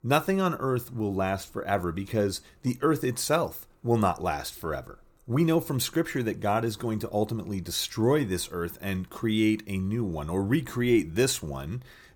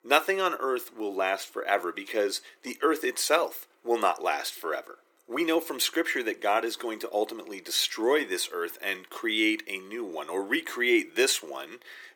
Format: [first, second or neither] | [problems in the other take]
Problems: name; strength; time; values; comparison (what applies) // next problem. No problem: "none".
first | thin; very; fading below 350 Hz